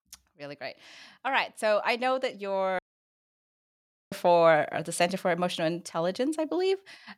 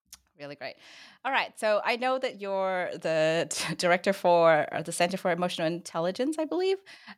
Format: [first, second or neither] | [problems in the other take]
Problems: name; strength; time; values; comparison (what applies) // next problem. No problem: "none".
second | audio cutting out; at 3 s for 1.5 s